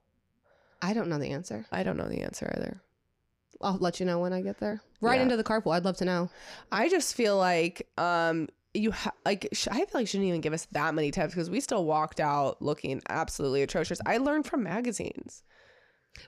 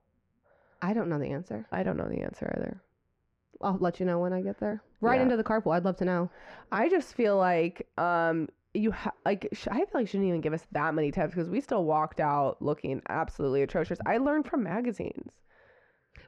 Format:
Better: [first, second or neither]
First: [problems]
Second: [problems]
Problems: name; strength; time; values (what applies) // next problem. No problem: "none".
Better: first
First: none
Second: muffled; very; fading above 3.5 kHz